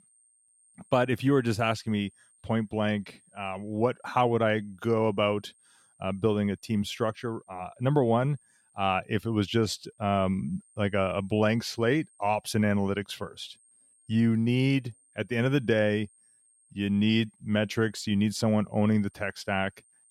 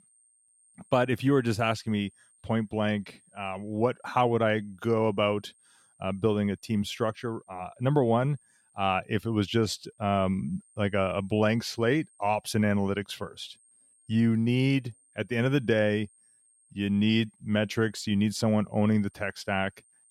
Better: neither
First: high-pitched whine; faint; throughout; 8.5 kHz, 35 dB below the speech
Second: high-pitched whine; faint; throughout; 8.5 kHz, 35 dB below the speech

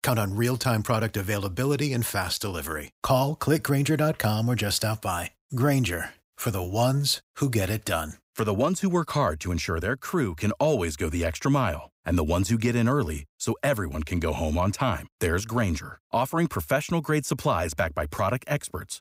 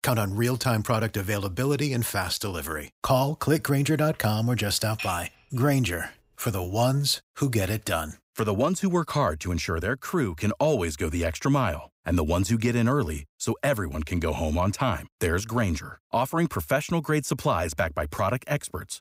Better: first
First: none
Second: clattering dishes; noticeable; at 5 s; peak 9 dB below the speech

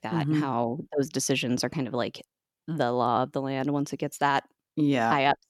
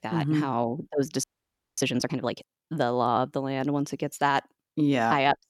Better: first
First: none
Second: audio freezing; at 1 s for 0.5 s

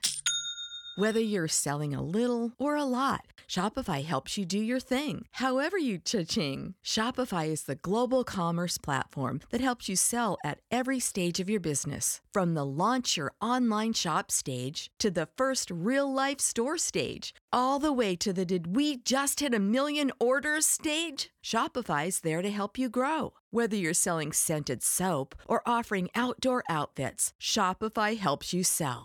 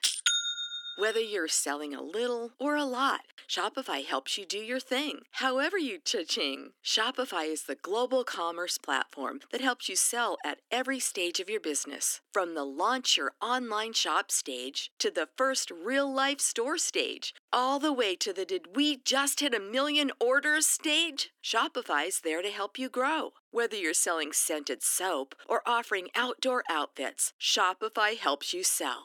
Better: first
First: none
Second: thin; somewhat; fading below 300 Hz

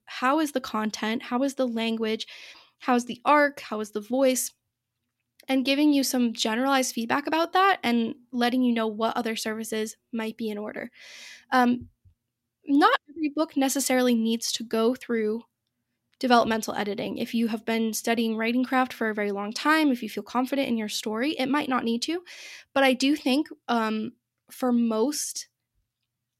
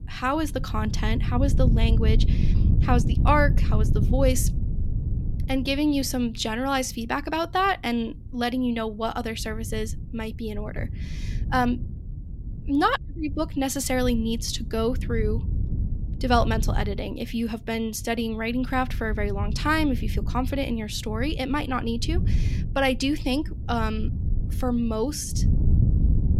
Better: first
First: none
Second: wind noise on the microphone; occasional gusts; 15 dB below the speech

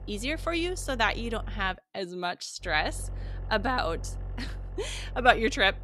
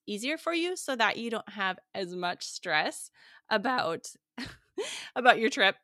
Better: second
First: low rumble; faint; until 1.5 s and from 2.5 s on; 25 dB below the speech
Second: none

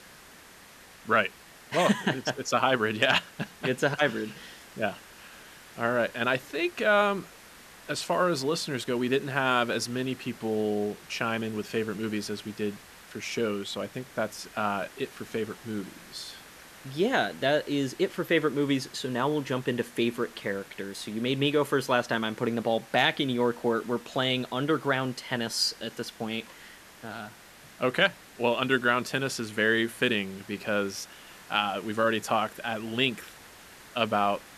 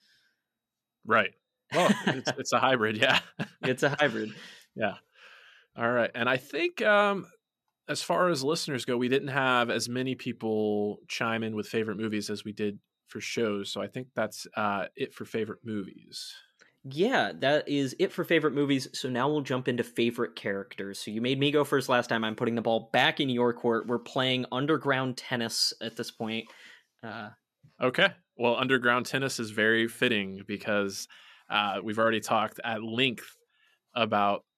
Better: second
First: hiss; faint; throughout; 20 dB below the speech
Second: none

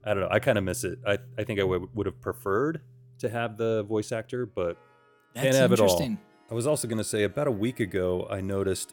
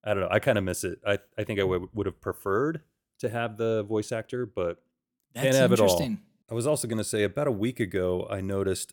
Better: second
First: background music; faint; throughout; 25 dB below the speech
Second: none

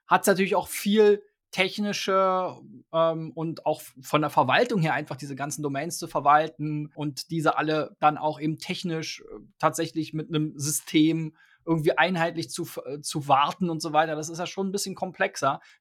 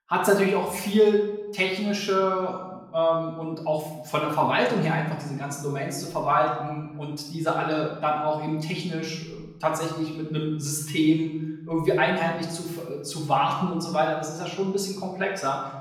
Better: first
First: none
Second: off-mic speech; far // room echo; noticeable; dies away in 0.9 s

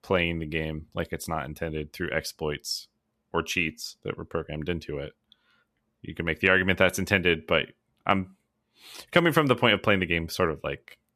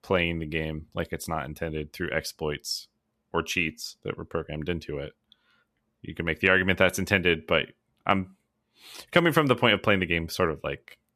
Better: neither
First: none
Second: none

